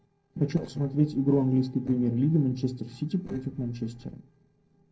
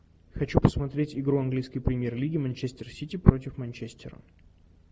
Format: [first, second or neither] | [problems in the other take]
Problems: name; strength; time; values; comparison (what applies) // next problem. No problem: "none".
second | noise reduction (neural separator model SepFormer DNS4)